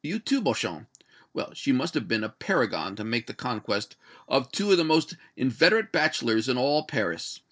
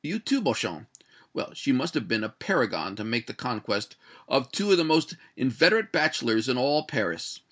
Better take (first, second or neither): second